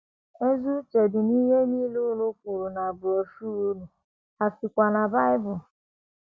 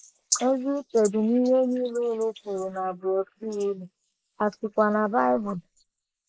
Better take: first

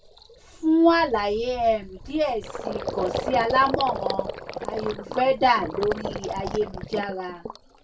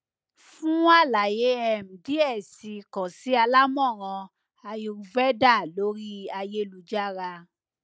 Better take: second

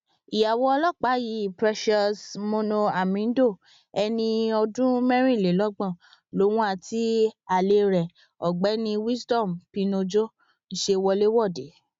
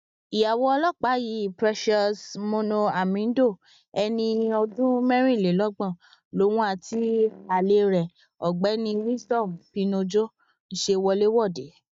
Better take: first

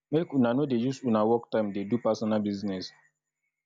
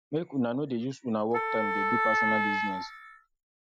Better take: first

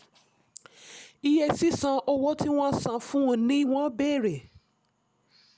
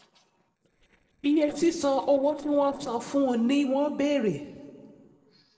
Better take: first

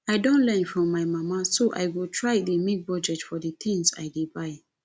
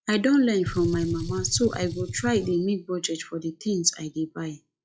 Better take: first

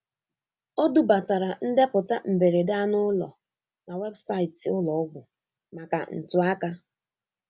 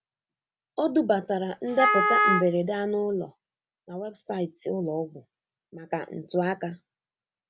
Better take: first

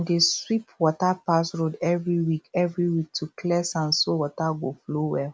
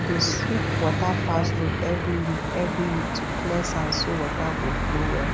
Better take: first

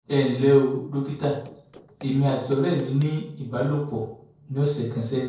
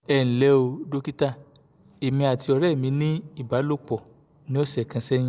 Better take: second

